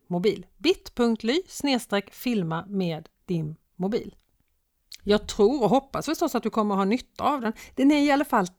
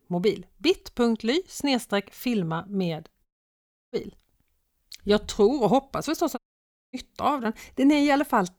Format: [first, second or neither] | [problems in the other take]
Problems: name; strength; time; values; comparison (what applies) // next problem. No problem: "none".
first | audio cutting out; at 3.5 s for 0.5 s and at 6.5 s for 0.5 s